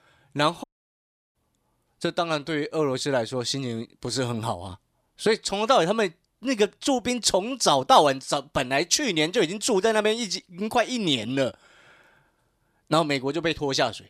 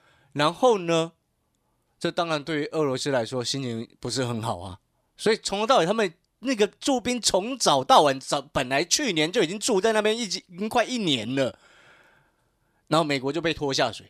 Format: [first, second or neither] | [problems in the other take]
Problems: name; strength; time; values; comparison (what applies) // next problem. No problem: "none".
second | audio cutting out; at 0.5 s for 0.5 s